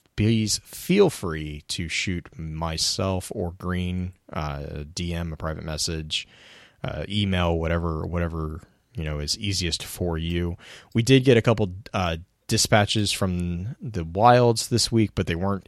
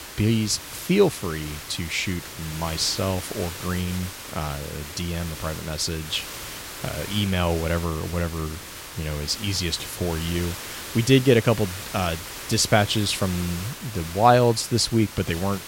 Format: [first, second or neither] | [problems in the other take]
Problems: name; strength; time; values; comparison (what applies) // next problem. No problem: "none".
first | hiss; noticeable; throughout; 10 dB below the speech